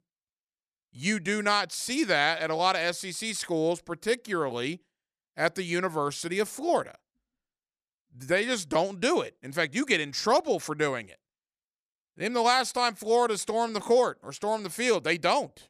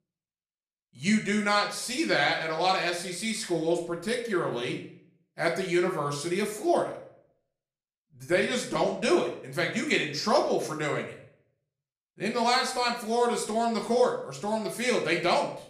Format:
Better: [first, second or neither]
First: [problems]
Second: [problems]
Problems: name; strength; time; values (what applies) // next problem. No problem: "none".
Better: first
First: none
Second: room echo; slight; dies away in 0.5 s // off-mic speech; far